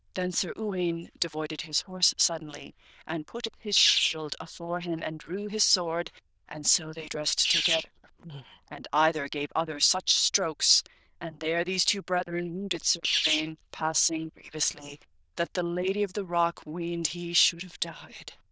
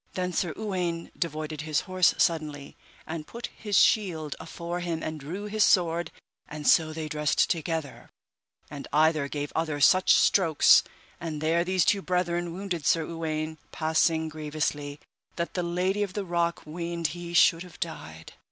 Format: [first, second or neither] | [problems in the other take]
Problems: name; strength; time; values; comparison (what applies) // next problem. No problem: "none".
second | noise reduction (neural diffusion model UNIVERSE++)